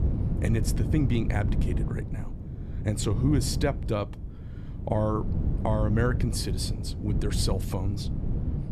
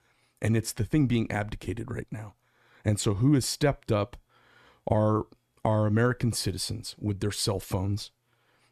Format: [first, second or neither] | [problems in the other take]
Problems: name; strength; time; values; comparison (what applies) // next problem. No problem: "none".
second | wind noise on the microphone; heavy; 9 dB below the speech